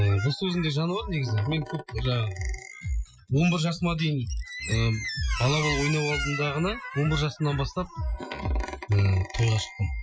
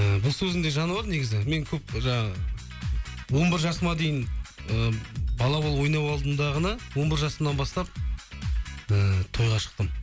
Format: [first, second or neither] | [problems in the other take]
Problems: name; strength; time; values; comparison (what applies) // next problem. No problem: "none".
second | noise reduction (classical method Wiener filter)